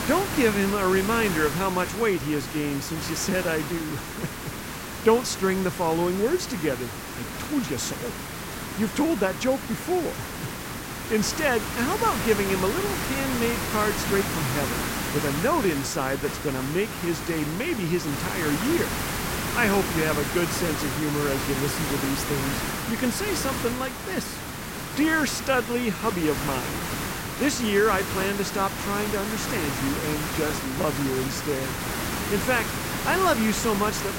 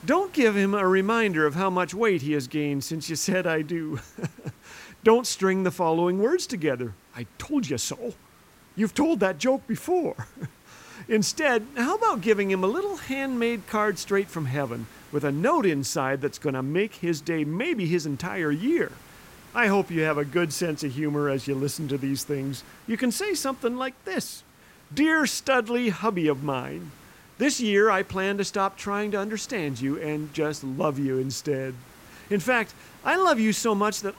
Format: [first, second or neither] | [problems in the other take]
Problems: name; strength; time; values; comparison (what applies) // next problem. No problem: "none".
second | hiss; loud; throughout; 3 dB below the speech; faint in the second